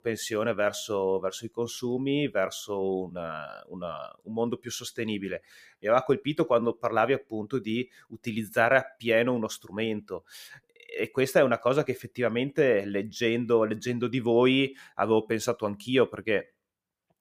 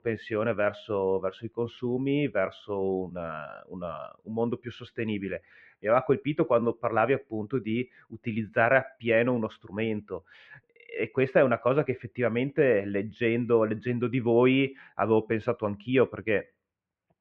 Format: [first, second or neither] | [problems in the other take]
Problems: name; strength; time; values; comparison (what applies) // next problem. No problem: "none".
first | muffled; very; fading above 2.5 kHz